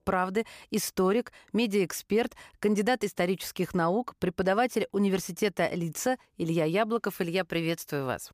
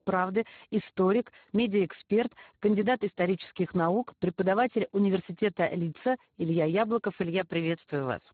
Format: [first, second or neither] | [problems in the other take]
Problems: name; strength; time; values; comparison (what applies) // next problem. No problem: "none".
first | garbled, watery; badly; nothing above 3.5 kHz